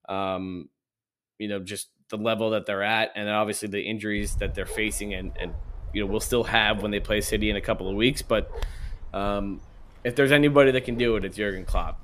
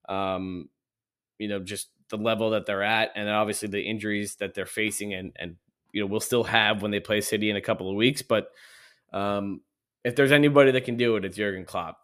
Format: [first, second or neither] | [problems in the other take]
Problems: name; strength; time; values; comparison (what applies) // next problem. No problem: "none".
second | dog barking; noticeable; from 4 s on; peak 9 dB below the speech